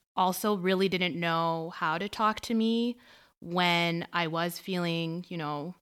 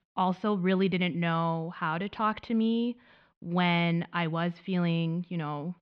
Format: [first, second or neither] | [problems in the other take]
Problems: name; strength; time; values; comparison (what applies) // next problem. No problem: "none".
first | muffled; slightly; fading above 3 kHz